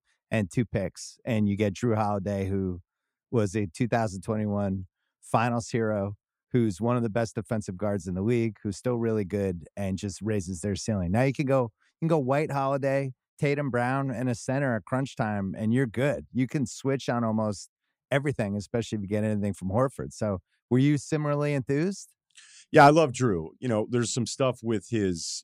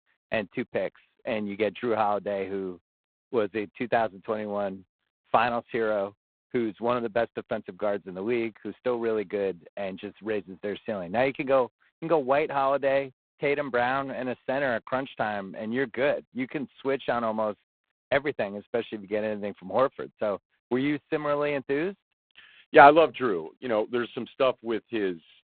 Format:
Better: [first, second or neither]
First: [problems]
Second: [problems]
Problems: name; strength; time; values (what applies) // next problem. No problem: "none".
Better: first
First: none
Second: phone-call audio; poor line; nothing above 4 kHz